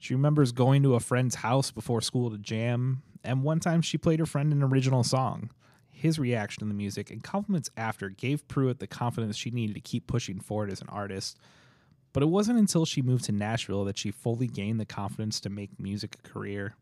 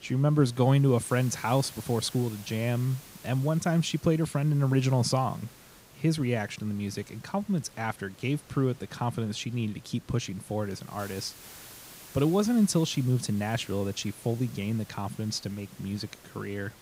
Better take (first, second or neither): first